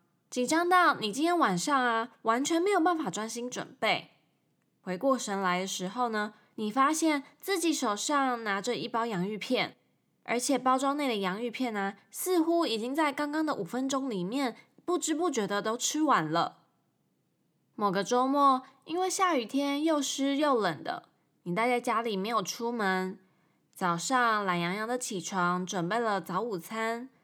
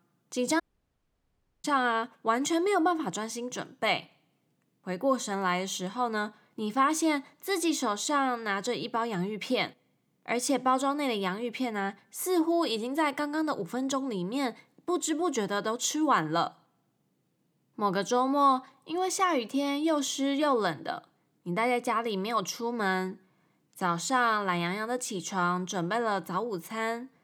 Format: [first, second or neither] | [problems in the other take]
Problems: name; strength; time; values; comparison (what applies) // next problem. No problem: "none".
first | audio cutting out; at 0.5 s for 1 s